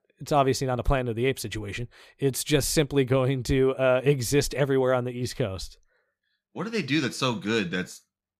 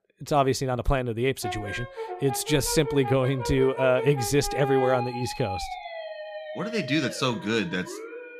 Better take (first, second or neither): first